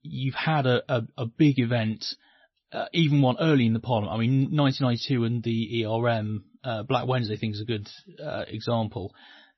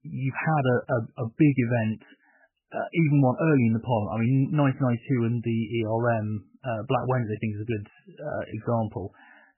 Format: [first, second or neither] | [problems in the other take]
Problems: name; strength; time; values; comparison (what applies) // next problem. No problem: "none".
first | garbled, watery; badly; nothing above 3 kHz; slightly in the first